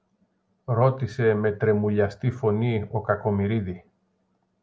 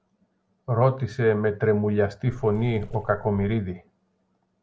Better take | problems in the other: first | background sound (Water / Splash, splatter); 16 dB below the speech

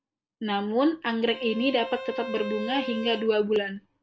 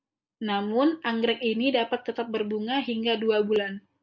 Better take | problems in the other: second | background sound (Bowed string instrument); 12 dB below the speech

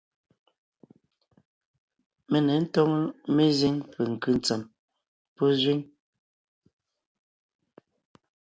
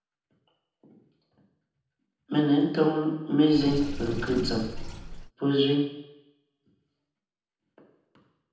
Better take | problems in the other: first | background sound (Sink (filling or washing) / Water); 13 dB below the speech // room echo; dies away in 0.8 s

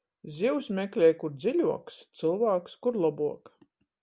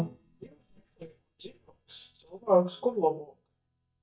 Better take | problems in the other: first | noise reduction (neural mask model DeepFilterNet 3)

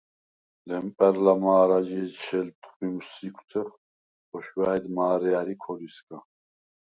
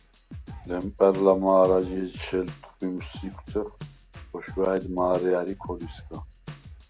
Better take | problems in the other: first | background sound (Drum kit); 15 dB below the speech

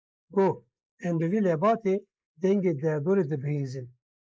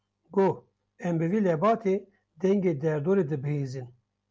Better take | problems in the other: second | noise reduction (neural mask model Resemble Enhance denoiser)

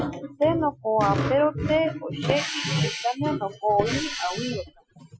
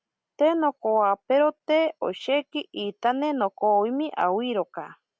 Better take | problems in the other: second | noise reduction (classical method Wiener filter)

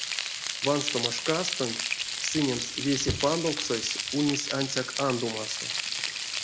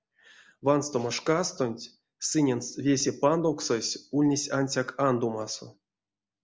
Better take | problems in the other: second | background sound (Frying (food)); 2 dB below the speech

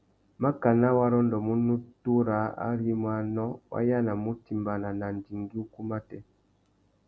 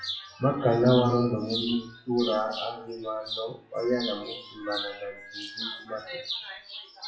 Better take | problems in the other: first | noise reduction (classical method WPE with log-MMSE)

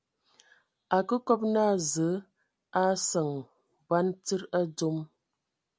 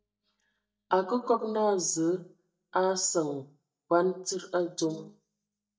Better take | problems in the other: first | noise reduction (neural mask model DeepFilterNet 3)

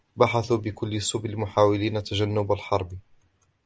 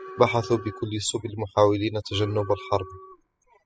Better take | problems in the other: first | noise reduction (classical method spectral subtraction)

